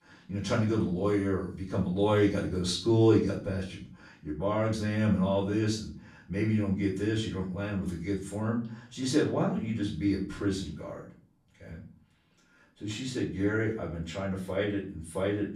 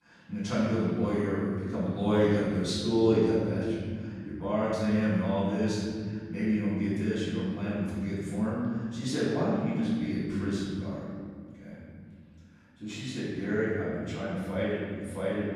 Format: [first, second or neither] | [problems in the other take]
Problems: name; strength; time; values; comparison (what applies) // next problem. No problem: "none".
first | room echo; strong; dies away in 2.2 s; slight in the first // off-mic speech; far; far in the first